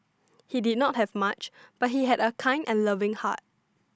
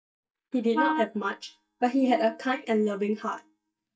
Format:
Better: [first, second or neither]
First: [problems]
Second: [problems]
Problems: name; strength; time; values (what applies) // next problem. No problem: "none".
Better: first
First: none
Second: noise reduction (neural mask model DeepFilterNet 3)